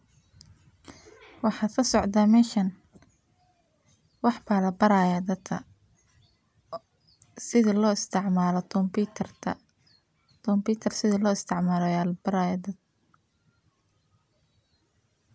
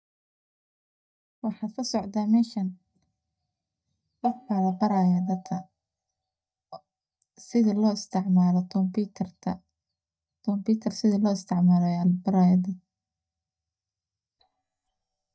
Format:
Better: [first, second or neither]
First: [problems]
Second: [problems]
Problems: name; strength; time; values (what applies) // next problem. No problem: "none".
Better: first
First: none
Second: noise reduction (neural mask model DeepFilterNet 3)